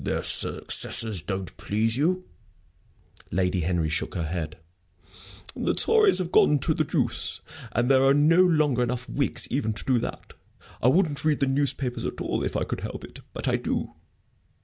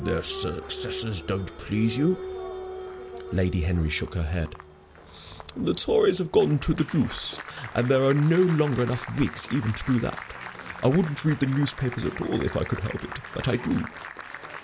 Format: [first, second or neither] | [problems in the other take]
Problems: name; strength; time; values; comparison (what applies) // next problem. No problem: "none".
first | background sound (Applause); 13 dB below the speech